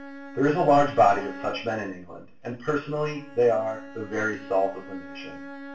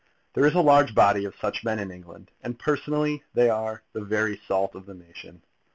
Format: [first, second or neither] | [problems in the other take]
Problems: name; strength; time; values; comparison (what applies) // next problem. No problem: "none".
second | background sound (Bowed string instrument); 16 dB below the speech // room echo; dies away in 0.4 s